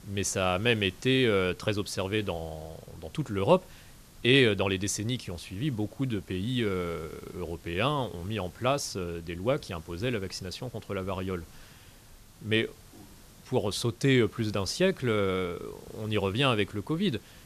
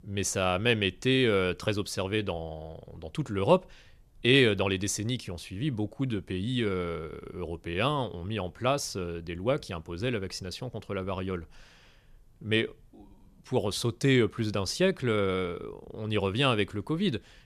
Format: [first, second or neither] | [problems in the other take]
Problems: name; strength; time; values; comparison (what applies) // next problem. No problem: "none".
second | hiss; faint; throughout; 25 dB below the speech